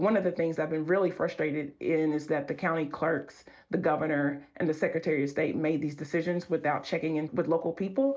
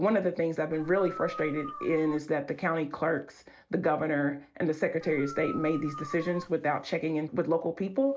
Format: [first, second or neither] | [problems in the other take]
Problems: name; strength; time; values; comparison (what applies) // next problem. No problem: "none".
first | background sound (Dog); 12 dB below the speech